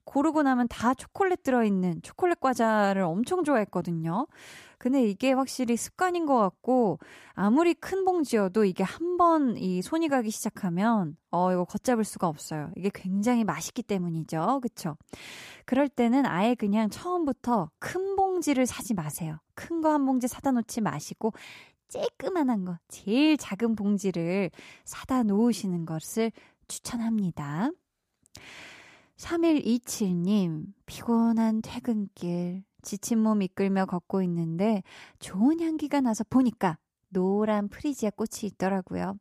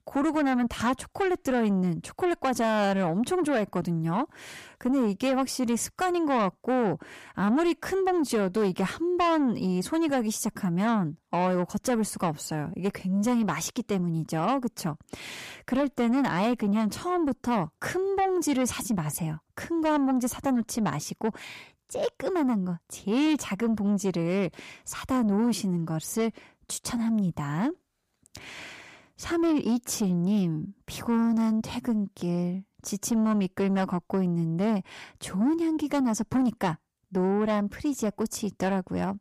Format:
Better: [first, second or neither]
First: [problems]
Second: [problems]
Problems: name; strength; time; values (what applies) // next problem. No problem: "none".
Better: first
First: none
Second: distortion; slight; 10 dB below the speech